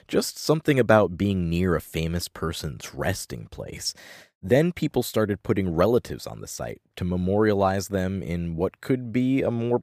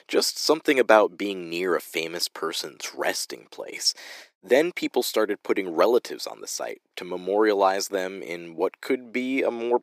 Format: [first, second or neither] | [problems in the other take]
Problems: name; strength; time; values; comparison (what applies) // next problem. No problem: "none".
first | thin; somewhat; fading below 300 Hz